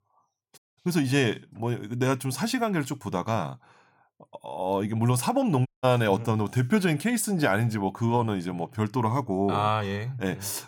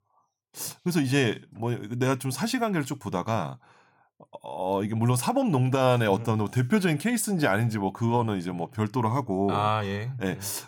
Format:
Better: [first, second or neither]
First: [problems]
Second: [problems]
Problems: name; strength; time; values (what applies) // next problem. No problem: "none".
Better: second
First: audio cutting out; at 0.5 s and at 5.5 s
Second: none